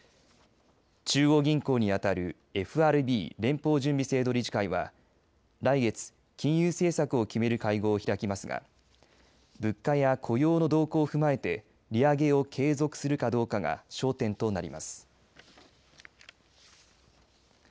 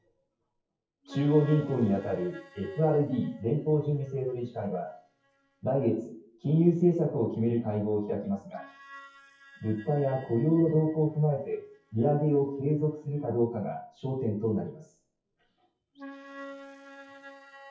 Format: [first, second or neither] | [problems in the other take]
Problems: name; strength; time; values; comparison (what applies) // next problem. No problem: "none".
first | noise reduction (classical method WPE with log-MMSE)